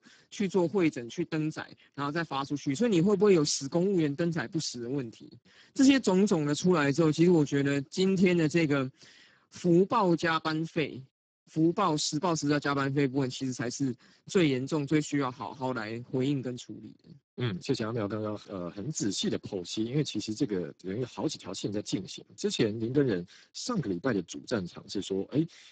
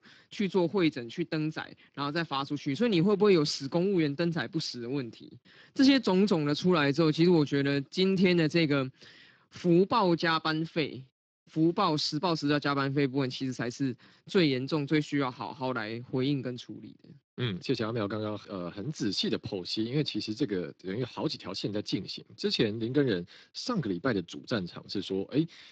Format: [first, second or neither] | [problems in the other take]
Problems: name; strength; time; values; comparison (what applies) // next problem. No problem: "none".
second | garbled, watery; badly; nothing above 7.5 kHz; slightly in the second